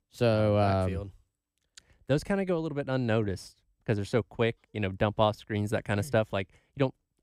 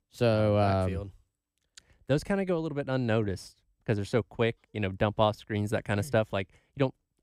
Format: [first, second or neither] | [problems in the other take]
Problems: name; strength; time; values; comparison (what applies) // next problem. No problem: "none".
neither | none